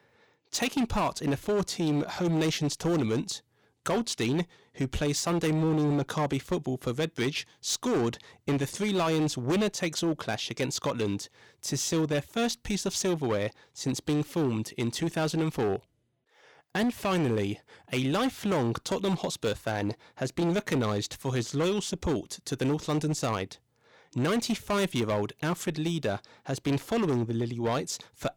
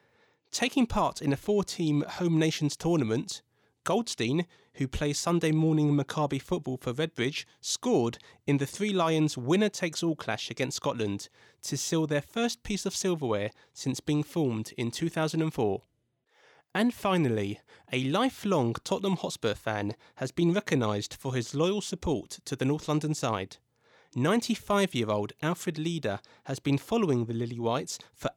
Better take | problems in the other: second | distortion; slight; 12% of the sound clipped

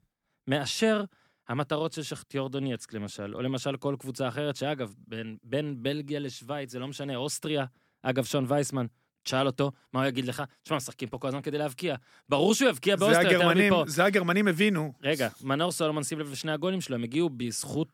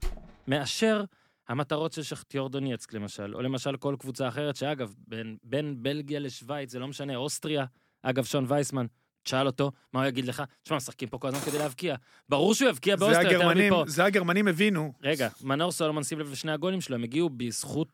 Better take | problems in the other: first | door banging; faint; at the start; peak 15 dB below the speech // clattering dishes; noticeable; at 11 s; peak 7 dB below the speech

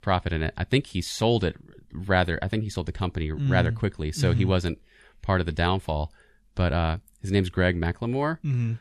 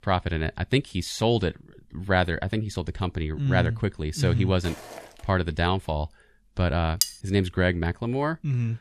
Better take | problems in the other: first | footsteps; faint; at 4.5 s; peak 15 dB below the speech // clattering dishes; very faint; at 7 s; peak level with the speech

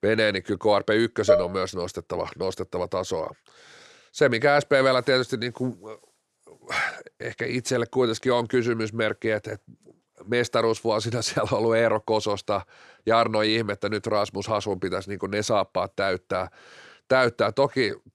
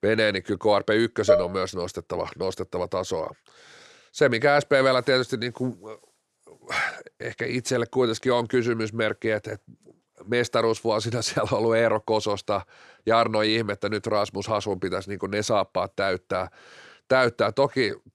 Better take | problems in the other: neither | clattering dishes; loud; at 1.5 s; peak 2 dB above the speech; the same in both

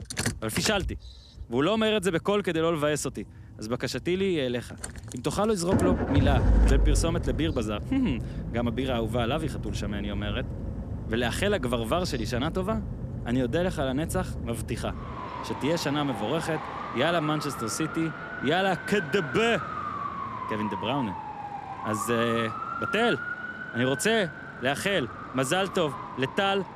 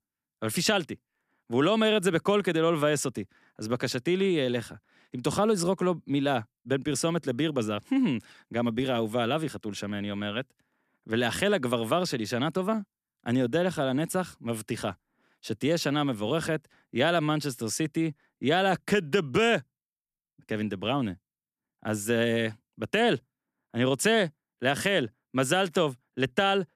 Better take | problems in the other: second | traffic noise; loud; throughout; 5 dB below the speech

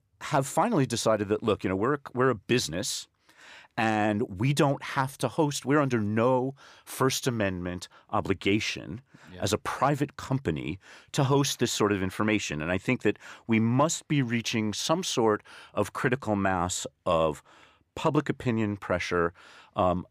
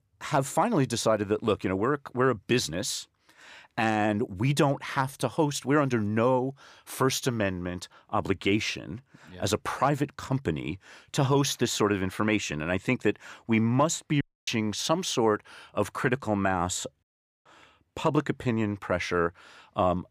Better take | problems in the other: first | audio cutting out; at 14 s and at 17 s

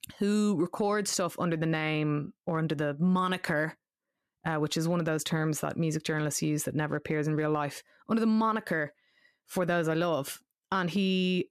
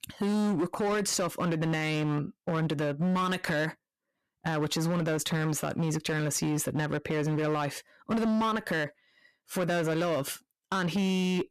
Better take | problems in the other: first | distortion; slight; 19% of the sound clipped

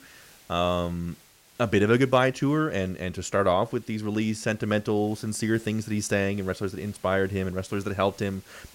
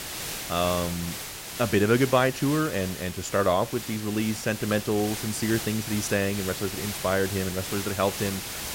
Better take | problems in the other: first | hiss; loud; throughout; 7 dB below the speech; faint in the first

